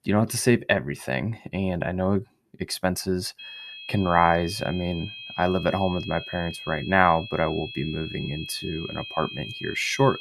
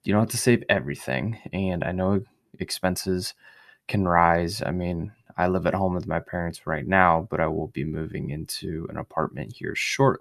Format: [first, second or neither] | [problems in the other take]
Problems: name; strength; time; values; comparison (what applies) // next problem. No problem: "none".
second | high-pitched whine; noticeable; from 3.5 s on; 3 kHz, 10 dB below the speech